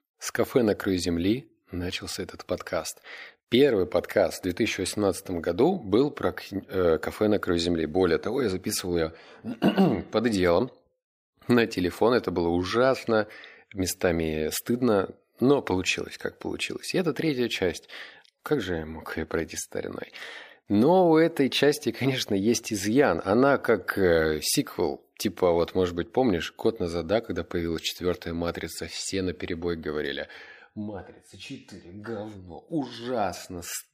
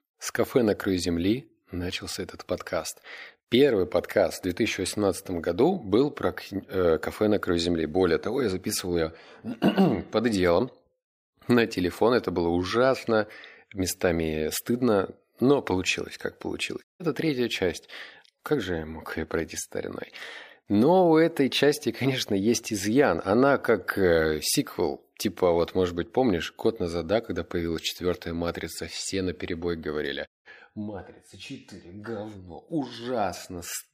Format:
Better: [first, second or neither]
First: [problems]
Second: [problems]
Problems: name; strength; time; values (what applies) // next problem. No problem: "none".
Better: first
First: none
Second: audio cutting out; at 17 s and at 30 s